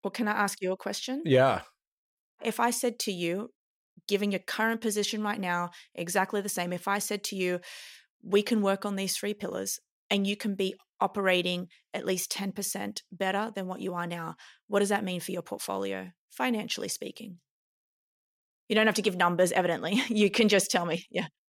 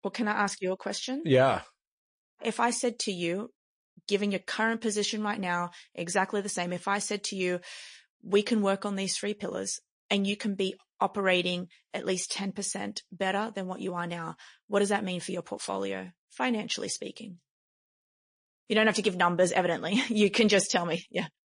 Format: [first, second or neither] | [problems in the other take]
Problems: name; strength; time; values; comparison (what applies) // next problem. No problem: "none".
first | garbled, watery; slightly